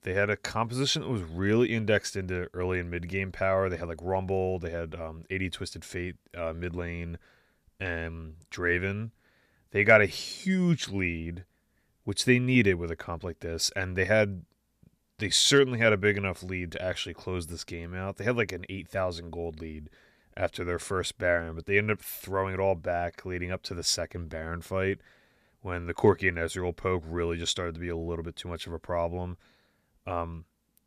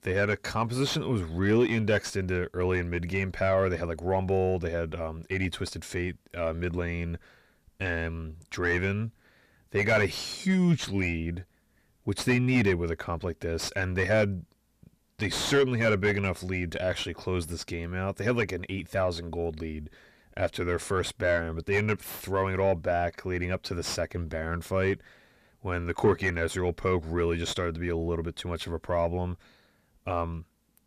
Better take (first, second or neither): first